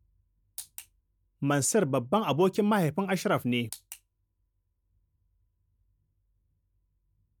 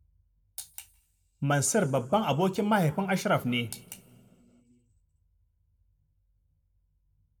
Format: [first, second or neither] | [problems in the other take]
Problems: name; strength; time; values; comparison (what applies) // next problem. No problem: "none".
first | room echo; dies away in 1 s